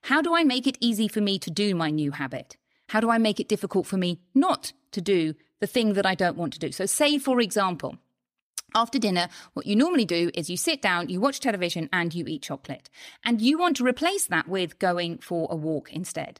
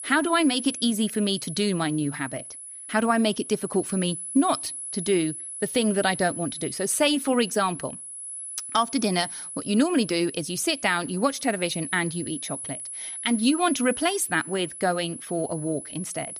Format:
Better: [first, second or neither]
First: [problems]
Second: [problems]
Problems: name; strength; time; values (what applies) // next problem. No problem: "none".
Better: first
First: none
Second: high-pitched whine; loud; throughout; 10 kHz, 9 dB below the speech